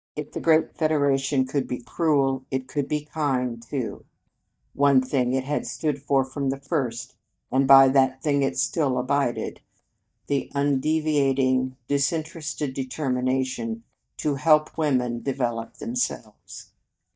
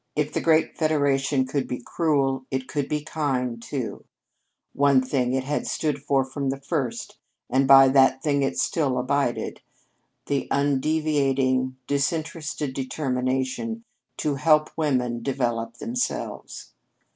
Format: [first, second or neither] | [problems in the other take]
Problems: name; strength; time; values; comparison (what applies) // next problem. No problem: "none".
second | noise reduction (neural mask model DeepFilterNet 3)